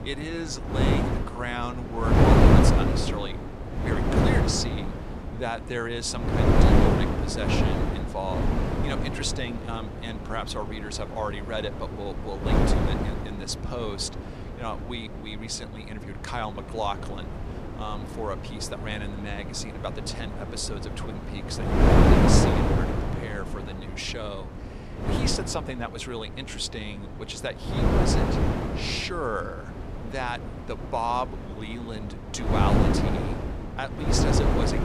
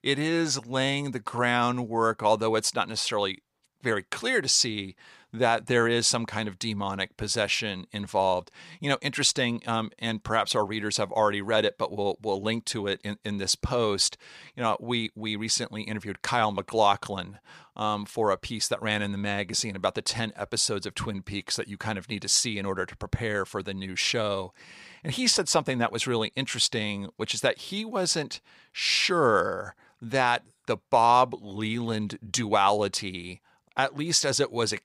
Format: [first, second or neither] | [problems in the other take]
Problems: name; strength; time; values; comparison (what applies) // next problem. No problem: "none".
second | wind noise on the microphone; heavy; 3 dB above the speech